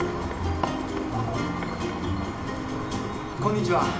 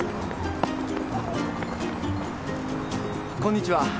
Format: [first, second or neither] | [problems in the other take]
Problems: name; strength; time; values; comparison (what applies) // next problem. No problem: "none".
second | room echo; dies away in 0.9 s